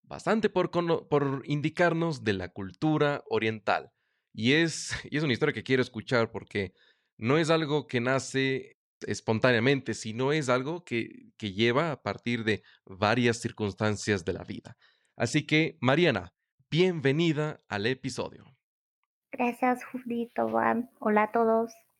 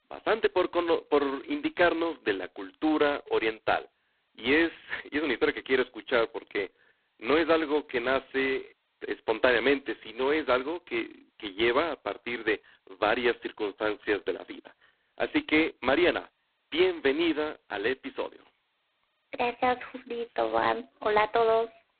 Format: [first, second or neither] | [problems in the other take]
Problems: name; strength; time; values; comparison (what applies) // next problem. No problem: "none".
first | phone-call audio; poor line; nothing above 4 kHz